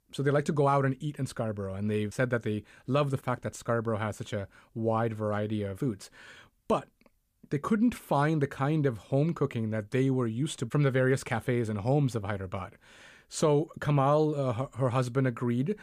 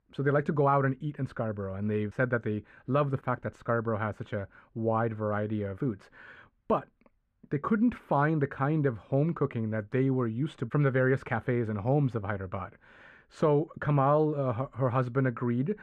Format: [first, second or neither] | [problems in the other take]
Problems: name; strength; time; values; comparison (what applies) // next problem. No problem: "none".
first | muffled; very; fading above 4 kHz